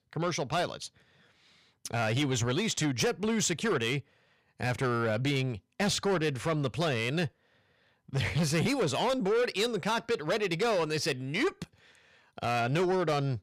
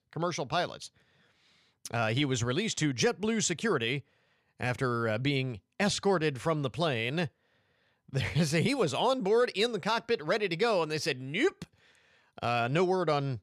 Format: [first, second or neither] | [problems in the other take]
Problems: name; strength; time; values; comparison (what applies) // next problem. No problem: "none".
second | distortion; slight; 10 dB below the speech